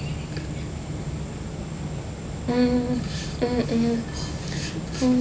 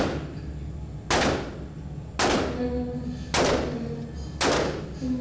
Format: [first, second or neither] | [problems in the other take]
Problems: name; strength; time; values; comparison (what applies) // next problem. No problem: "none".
first | background sound (Gunshot, gunfire); 4 dB above the speech // room echo; dies away in 1.2 s